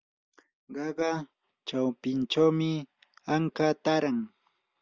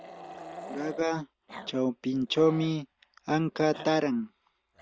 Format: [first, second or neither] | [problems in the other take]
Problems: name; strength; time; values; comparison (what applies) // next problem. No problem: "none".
first | background sound (Growling); 17 dB below the speech